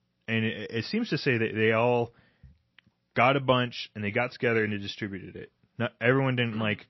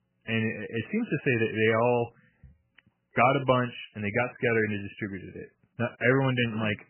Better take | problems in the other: first | garbled, watery; badly; nothing above 3 kHz; slightly in the first

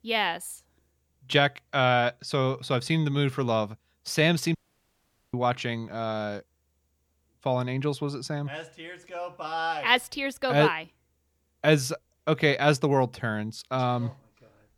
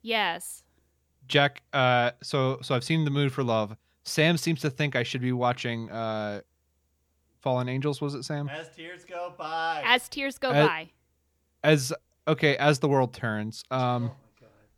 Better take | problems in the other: second | audio cutting out; at 4.5 s for 1 s

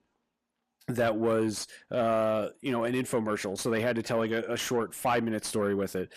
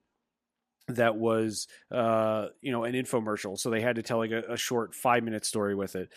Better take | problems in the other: second | distortion; slight; 10 dB below the speech

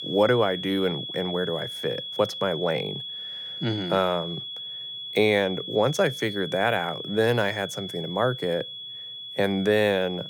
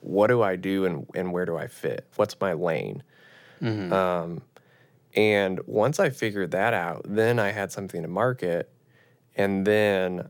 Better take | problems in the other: second | high-pitched whine; loud; throughout; 3.5 kHz, 8 dB below the speech

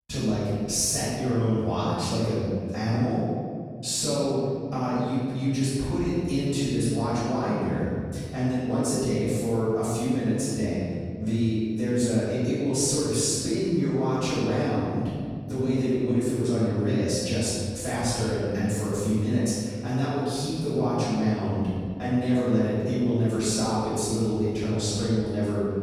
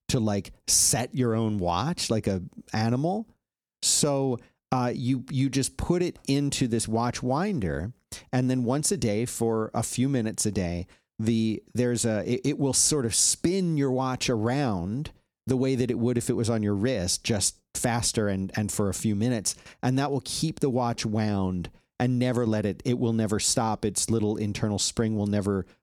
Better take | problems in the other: second | room echo; strong; dies away in 2.1 s // off-mic speech; far

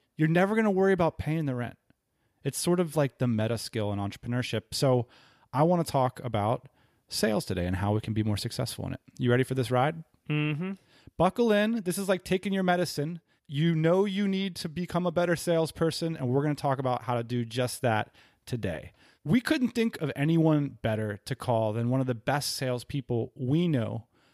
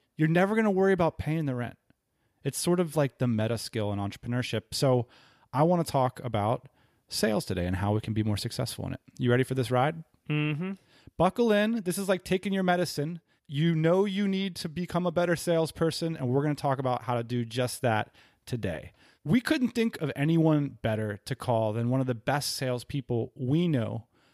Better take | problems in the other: neither | none

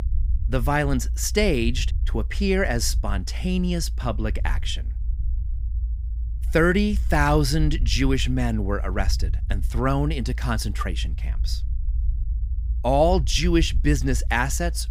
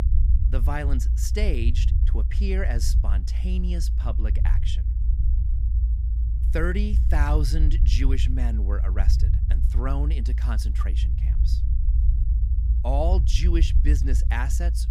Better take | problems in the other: first | low rumble; loud; throughout; 9 dB below the speech; faint in the first

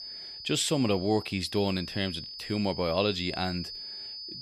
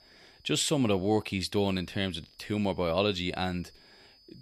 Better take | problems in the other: second | high-pitched whine; loud; throughout; 5 kHz, 9 dB below the speech; faint in the second

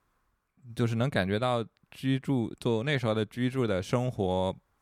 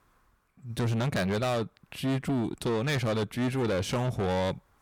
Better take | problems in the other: first | distortion; heavy; 6 dB below the speech

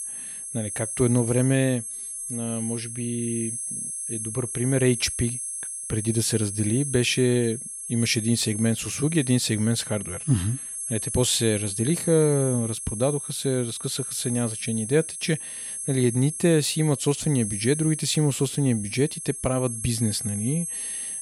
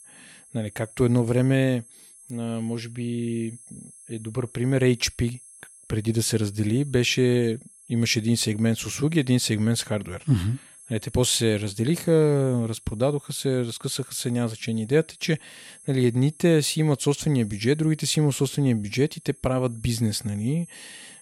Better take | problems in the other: second | high-pitched whine; loud; throughout; 10.5 kHz, 6 dB below the speech; faint in the second

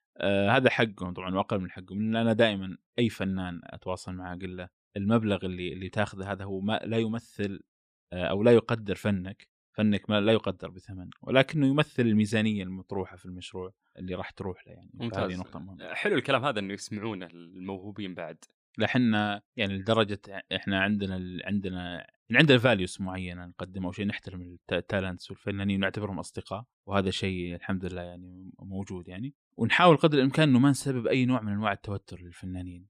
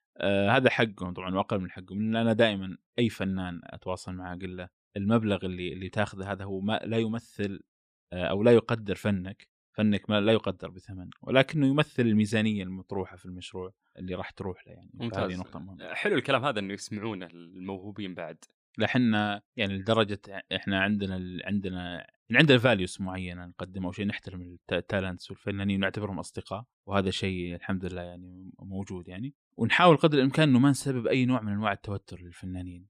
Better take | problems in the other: neither | none

